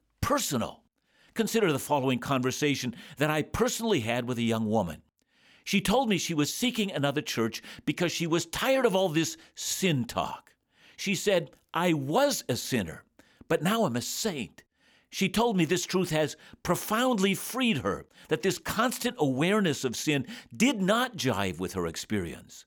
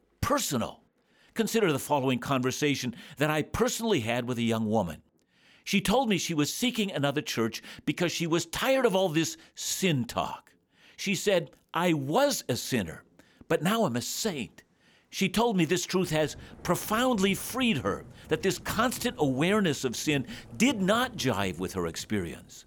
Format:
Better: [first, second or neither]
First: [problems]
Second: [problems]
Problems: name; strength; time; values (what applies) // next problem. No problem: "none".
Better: first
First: none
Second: rain or running water; faint; throughout; 20 dB below the speech